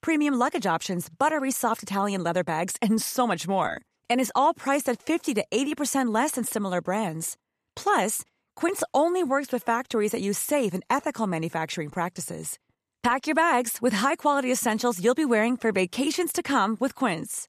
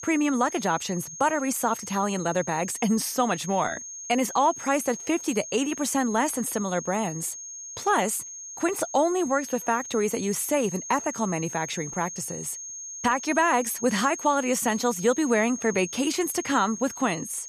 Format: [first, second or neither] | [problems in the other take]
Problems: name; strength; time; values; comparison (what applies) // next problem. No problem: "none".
first | high-pitched whine; loud; throughout; 6.5 kHz, 10 dB below the speech